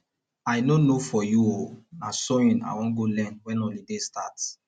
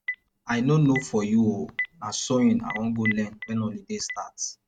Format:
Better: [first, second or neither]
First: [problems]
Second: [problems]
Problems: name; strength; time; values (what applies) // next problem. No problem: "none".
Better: first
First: none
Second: noise reduction (neural mask model RNNoise)